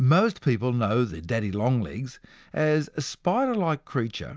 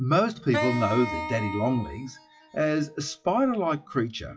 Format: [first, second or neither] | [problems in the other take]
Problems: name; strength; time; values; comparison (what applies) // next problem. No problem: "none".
first | noise reduction (classical method WPE with log-MMSE)